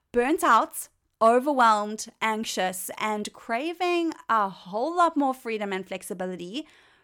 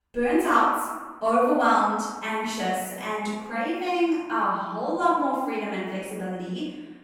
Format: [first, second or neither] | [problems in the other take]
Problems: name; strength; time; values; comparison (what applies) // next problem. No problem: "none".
first | room echo; strong; dies away in 1.2 s // off-mic speech; far